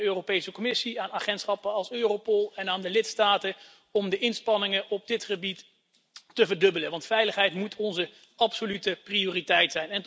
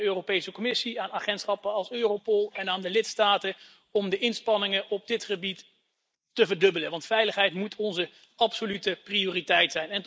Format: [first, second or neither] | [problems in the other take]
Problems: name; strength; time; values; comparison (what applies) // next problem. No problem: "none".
first | noise reduction (neural mask model Resemble Enhance denoiser)